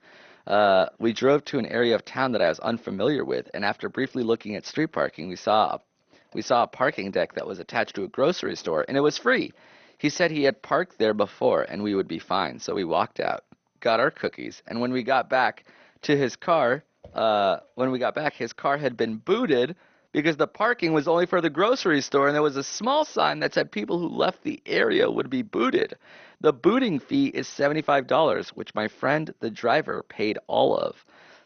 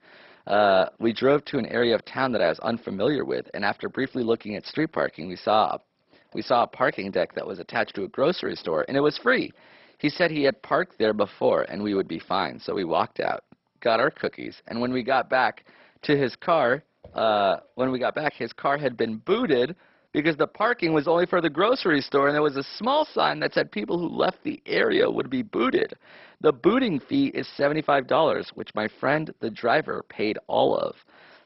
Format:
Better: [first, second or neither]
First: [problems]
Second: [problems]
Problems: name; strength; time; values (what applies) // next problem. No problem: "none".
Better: first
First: garbled, watery; slightly; nothing above 6.5 kHz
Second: garbled, watery; badly; nothing above 5.5 kHz